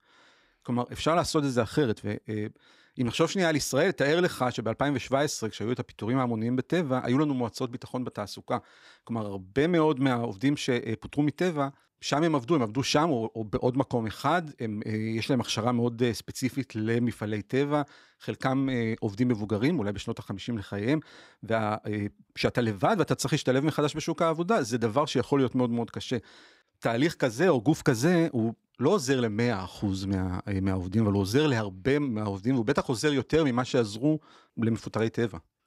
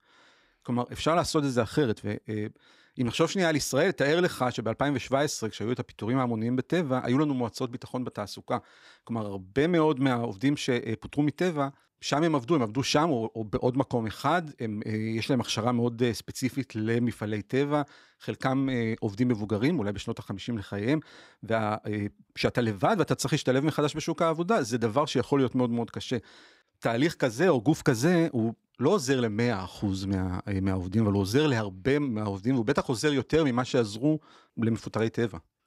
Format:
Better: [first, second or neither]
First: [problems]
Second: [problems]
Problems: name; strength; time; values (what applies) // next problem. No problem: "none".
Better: neither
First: none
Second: none